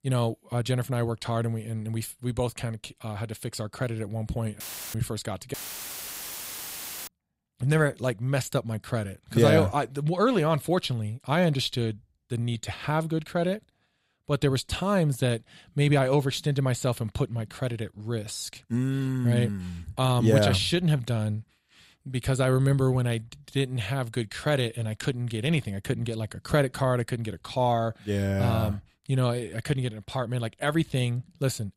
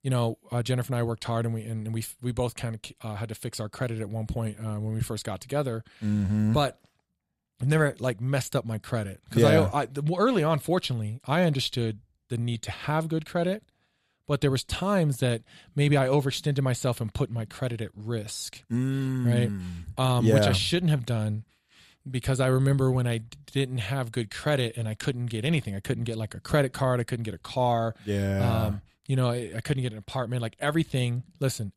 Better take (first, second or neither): second